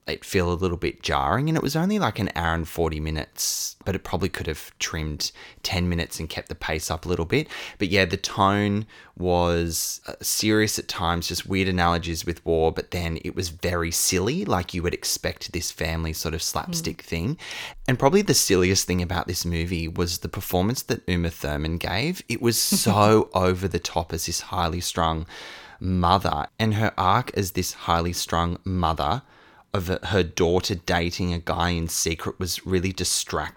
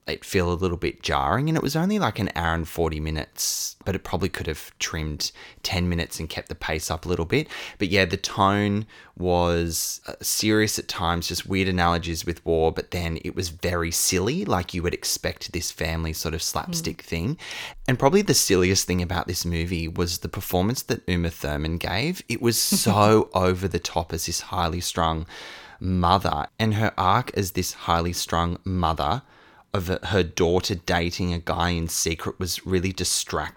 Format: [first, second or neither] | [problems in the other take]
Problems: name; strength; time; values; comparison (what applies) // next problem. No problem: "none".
neither | none